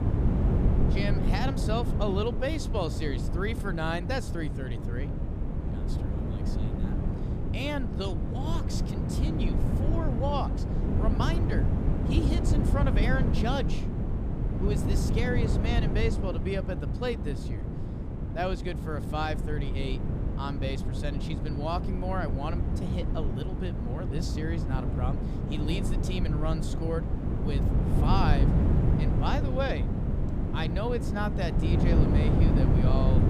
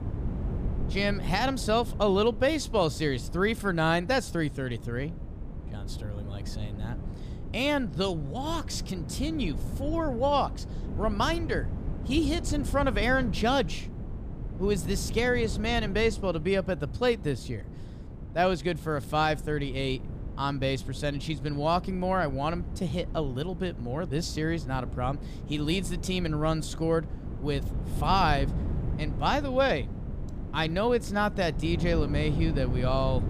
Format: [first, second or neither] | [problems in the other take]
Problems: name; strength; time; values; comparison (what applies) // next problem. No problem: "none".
second | wind noise on the microphone; heavy; 3 dB below the speech; occasional gusts in the second